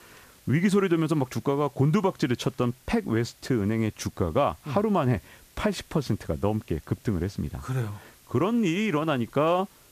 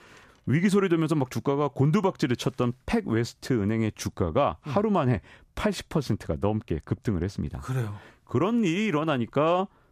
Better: second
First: hiss; faint; throughout; 30 dB below the speech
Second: none

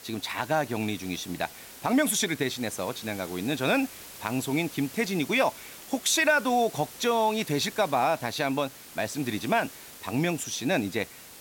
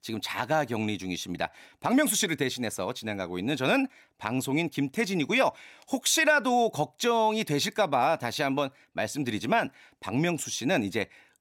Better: second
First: hiss; noticeable; throughout; 15 dB below the speech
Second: none

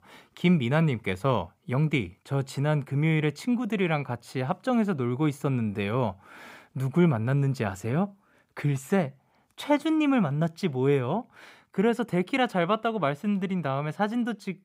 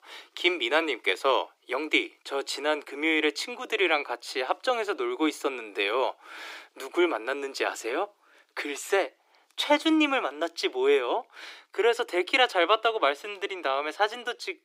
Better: first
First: none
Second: thin; very; fading below 300 Hz

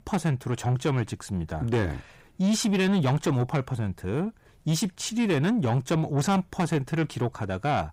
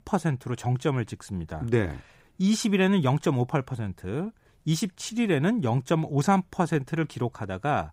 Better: second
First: distortion; slight; 10 dB below the speech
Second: none

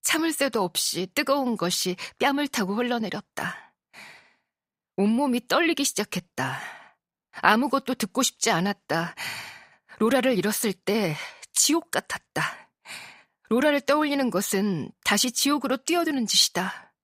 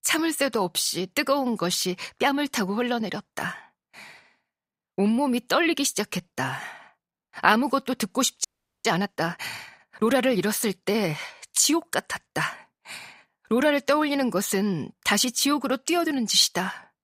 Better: first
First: none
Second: audio freezing; at 8.5 s

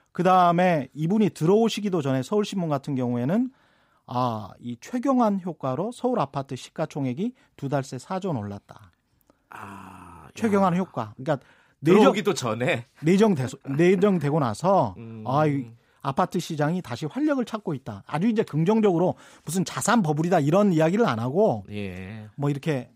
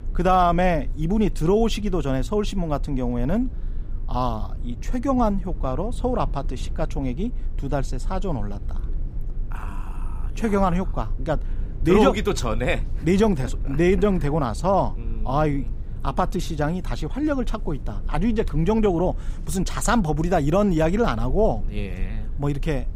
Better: first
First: none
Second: low rumble; faint; throughout; 25 dB below the speech

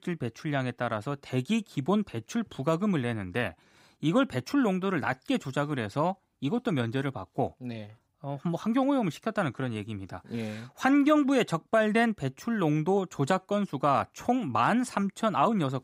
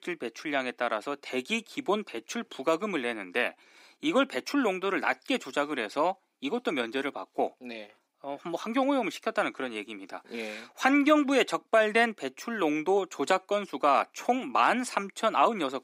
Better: first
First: none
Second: thin; very slightly; fading below 300 Hz

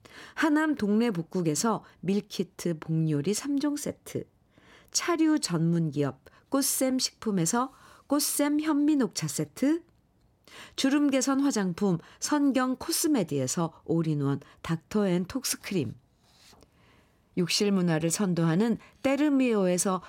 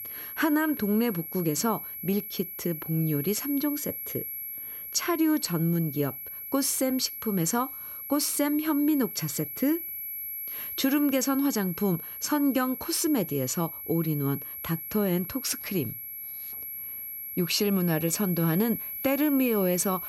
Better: first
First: none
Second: high-pitched whine; loud; throughout; 11.5 kHz, 7 dB below the speech

